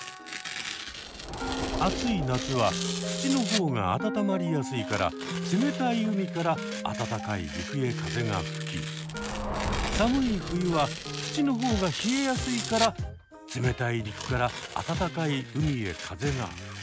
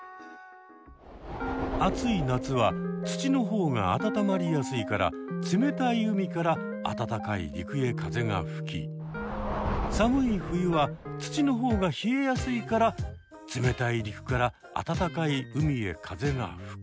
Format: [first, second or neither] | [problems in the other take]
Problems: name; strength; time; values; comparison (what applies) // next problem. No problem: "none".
second | background sound (Tearing); 10 dB below the speech